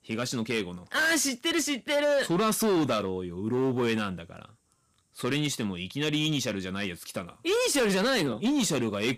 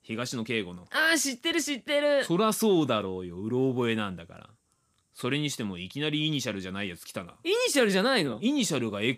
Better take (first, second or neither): second